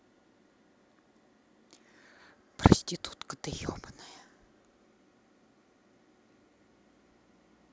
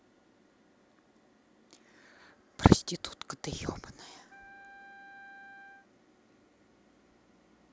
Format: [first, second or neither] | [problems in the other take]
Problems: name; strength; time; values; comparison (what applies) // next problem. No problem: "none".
first | background sound (Wind instrument, woodwind instrument); 18 dB below the speech